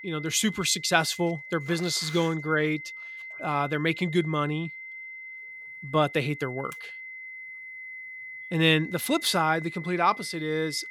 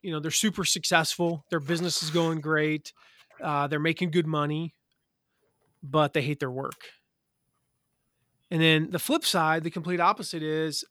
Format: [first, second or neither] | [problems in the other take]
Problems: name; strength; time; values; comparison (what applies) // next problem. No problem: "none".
second | high-pitched whine; noticeable; throughout; 2 kHz, 10 dB below the speech